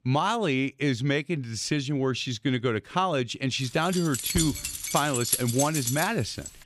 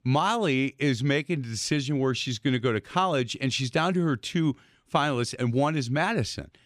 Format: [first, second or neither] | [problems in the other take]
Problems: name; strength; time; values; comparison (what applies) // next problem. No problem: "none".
second | jangling keys; loud; from 4 s on; peak 1 dB above the speech